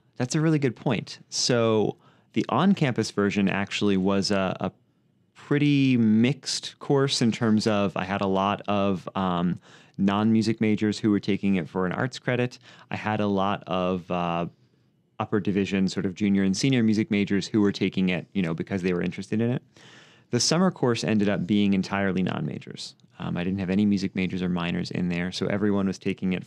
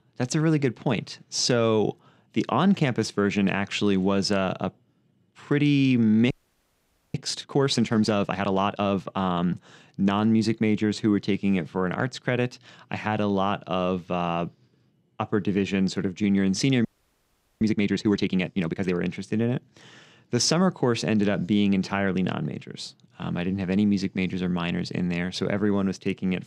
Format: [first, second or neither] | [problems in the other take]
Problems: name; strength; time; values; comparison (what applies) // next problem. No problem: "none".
first | audio freezing; at 6.5 s for 1 s and at 17 s for 1 s